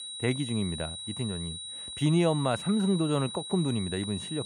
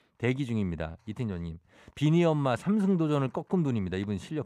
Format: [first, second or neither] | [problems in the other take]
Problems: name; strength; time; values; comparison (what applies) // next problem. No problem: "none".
second | high-pitched whine; loud; throughout; 4 kHz, 8 dB below the speech